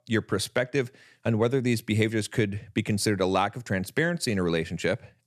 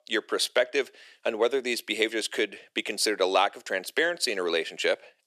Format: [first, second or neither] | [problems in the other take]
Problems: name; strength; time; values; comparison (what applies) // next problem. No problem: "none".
first | thin; very; fading below 350 Hz